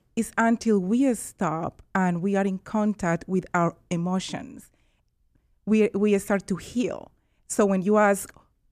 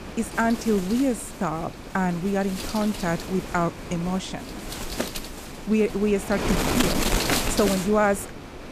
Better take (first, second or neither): first